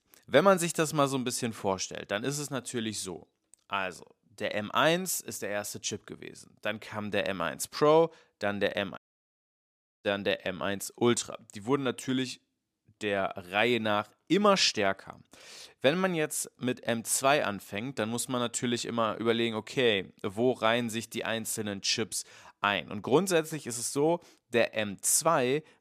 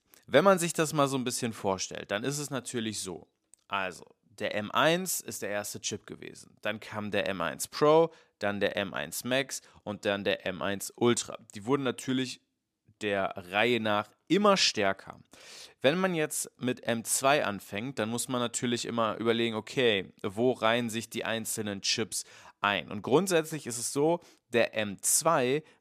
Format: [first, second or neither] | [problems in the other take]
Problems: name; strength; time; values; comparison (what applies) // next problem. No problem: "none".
second | audio cutting out; at 9 s for 1 s